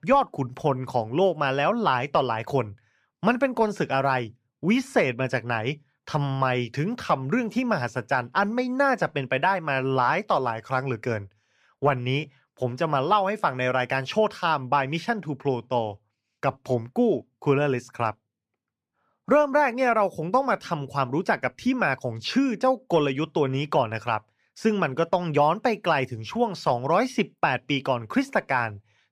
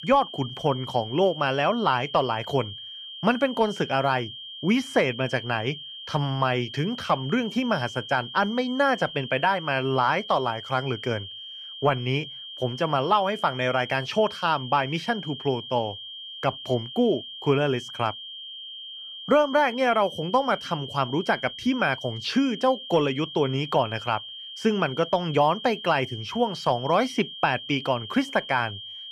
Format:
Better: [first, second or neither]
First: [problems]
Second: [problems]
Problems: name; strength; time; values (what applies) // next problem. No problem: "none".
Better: first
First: none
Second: high-pitched whine; noticeable; throughout; 3 kHz, 10 dB below the speech